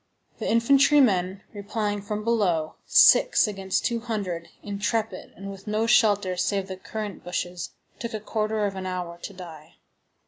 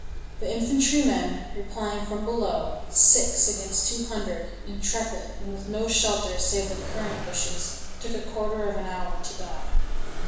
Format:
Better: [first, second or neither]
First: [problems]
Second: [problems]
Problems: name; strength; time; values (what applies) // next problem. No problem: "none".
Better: first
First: none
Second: background sound (Accelerating, revving, vroom); 2 dB below the speech // room echo; dies away in 1.1 s